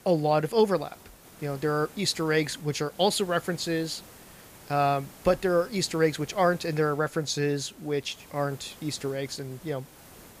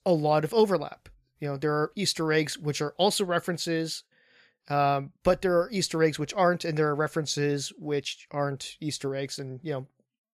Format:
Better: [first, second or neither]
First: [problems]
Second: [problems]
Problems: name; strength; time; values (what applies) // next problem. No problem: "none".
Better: second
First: hiss; faint; throughout; 20 dB below the speech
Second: none